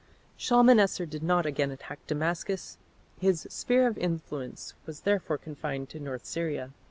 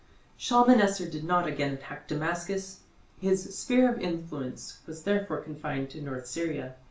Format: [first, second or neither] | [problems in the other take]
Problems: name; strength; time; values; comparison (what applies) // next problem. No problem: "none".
first | room echo; dies away in 0.3 s